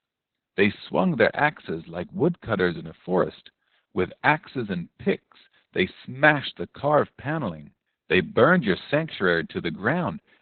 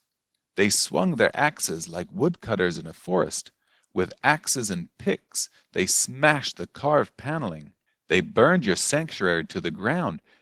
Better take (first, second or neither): second